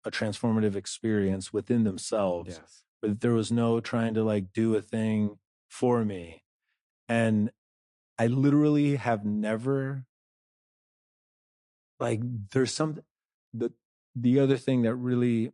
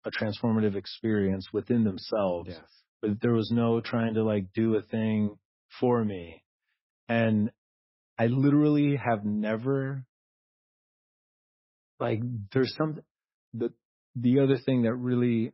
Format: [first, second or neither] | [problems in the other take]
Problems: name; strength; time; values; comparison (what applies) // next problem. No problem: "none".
first | garbled, watery; badly; nothing above 5.5 kHz; slightly in the first